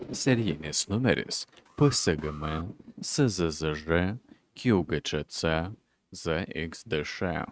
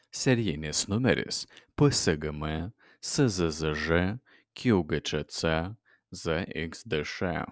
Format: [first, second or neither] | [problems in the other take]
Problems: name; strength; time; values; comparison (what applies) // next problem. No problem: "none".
second | noise reduction (neural mask model RNNoise)